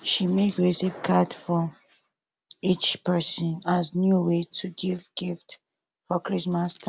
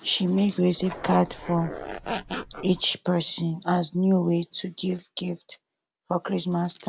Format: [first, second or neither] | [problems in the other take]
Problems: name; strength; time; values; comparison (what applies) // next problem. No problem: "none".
first | background sound (Zipper (clothing)); 8 dB below the speech